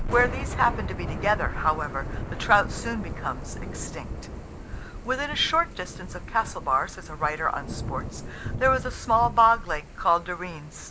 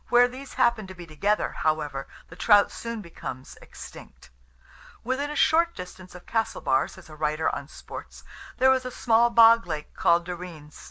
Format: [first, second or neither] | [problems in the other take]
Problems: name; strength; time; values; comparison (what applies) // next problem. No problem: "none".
second | background sound (Thunder / Rain); 8 dB below the speech